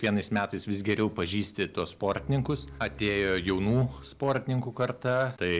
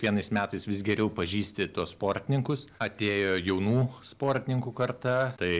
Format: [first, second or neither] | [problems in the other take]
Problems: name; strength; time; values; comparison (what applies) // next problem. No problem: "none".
second | background sound (Bowed string instrument); 17 dB below the speech